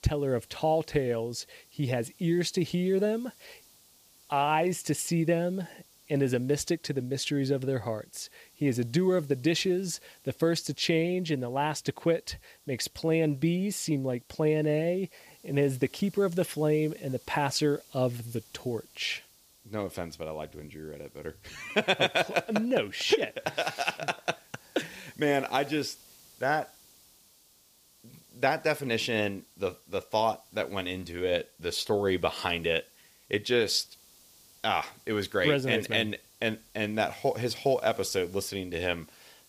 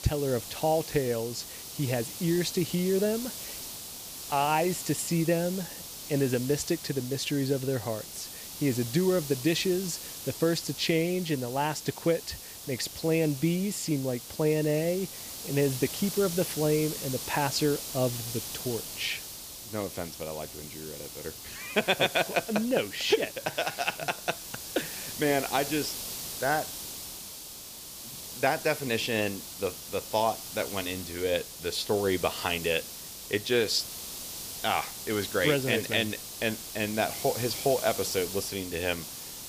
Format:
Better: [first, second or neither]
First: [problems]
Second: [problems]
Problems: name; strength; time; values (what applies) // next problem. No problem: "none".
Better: first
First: hiss; faint; throughout; 25 dB below the speech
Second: hiss; loud; throughout; 8 dB below the speech